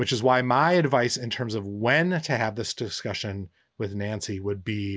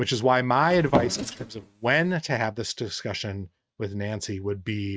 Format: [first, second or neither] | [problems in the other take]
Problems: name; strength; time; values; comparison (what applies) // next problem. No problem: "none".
first | noise reduction (neural mask model RNNoise)